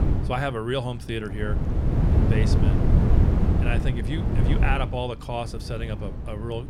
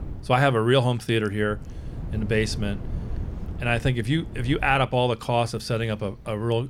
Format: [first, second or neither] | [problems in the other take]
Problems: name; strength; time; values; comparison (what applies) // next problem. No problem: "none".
second | wind noise on the microphone; heavy; 2 dB below the speech; occasional gusts in the second